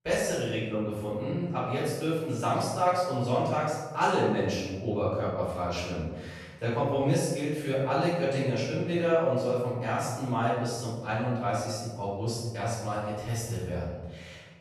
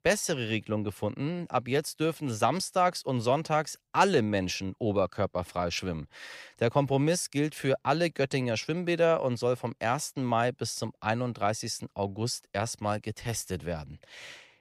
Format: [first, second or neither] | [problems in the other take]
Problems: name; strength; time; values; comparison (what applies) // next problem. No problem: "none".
second | off-mic speech; far // room echo; strong; dies away in 1.2 s